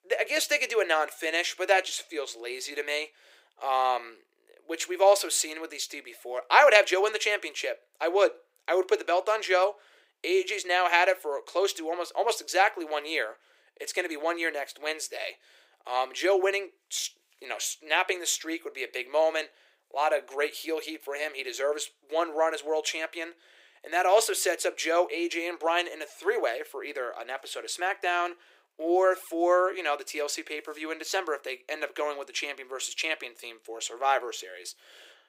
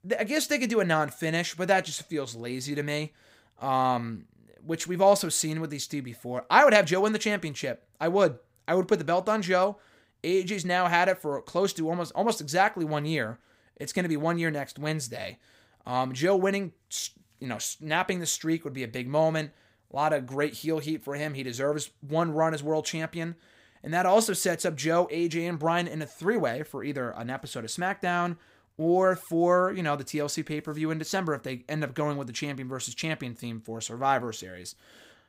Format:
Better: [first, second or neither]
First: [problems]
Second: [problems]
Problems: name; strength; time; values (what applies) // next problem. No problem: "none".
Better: second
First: thin; very; fading below 350 Hz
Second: none